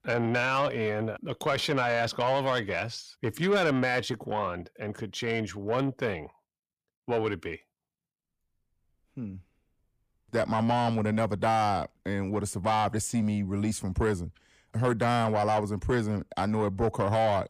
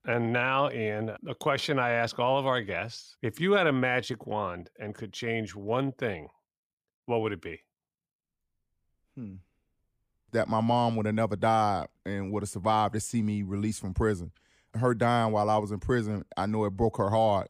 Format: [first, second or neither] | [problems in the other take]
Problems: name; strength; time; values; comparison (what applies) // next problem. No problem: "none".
second | distortion; slight; 10 dB below the speech